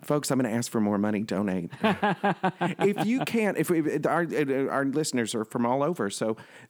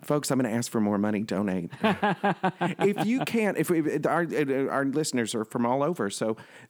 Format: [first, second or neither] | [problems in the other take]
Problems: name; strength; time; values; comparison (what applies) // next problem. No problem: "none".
neither | none